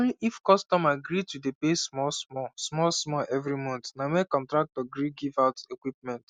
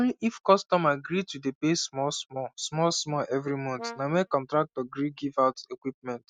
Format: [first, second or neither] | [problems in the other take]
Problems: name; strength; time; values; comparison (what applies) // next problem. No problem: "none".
first | noise reduction (neural mask model RNNoise)